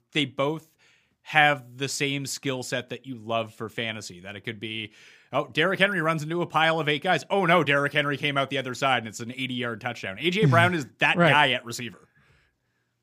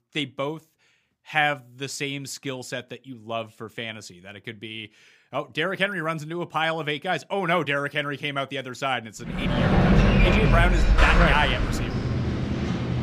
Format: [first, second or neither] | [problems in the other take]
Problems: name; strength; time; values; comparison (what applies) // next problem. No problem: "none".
first | household noises; very loud; from 9.5 s on; 4 dB above the speech